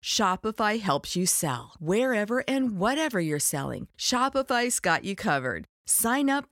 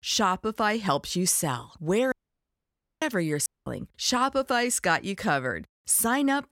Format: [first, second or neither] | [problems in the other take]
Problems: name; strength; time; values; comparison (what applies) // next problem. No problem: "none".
first | audio cutting out; at 2 s for 1 s and at 3.5 s